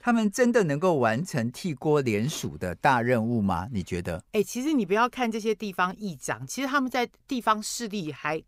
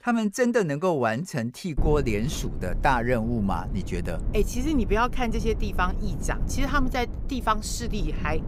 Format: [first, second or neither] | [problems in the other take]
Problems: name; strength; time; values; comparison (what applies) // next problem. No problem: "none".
first | low rumble; noticeable; from 2 s on; 15 dB below the speech